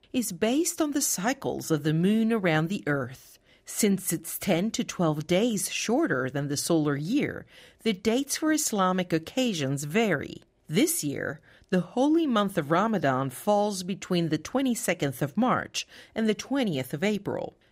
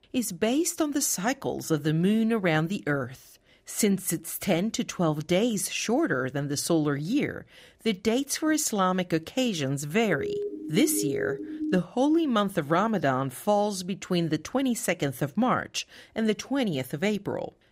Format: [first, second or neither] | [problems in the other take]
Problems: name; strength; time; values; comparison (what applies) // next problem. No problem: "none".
first | siren; noticeable; from 10 to 12 s; peak 3 dB below the speech